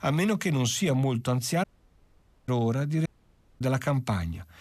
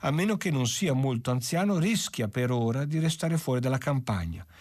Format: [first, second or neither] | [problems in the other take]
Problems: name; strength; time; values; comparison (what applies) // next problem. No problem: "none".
second | audio cutting out; at 1.5 s for 1 s and at 3 s for 0.5 s